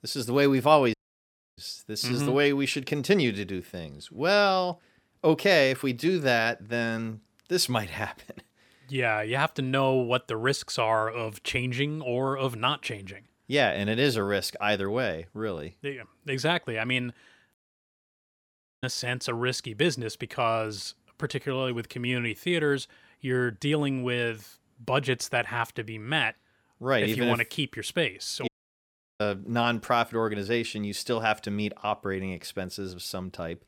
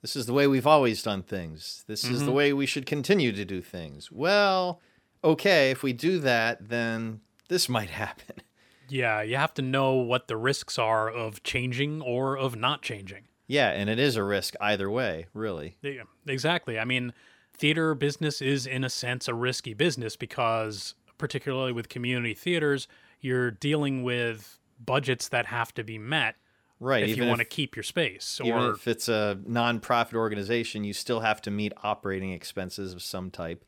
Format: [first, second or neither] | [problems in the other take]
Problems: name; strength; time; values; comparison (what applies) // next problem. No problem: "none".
second | audio cutting out; at 1 s for 0.5 s, at 18 s for 1.5 s and at 28 s for 0.5 s